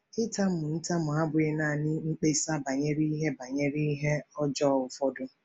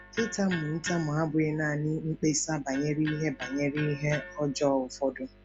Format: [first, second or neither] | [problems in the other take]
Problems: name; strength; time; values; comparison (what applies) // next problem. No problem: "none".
first | background sound (Electric guitar); 14 dB below the speech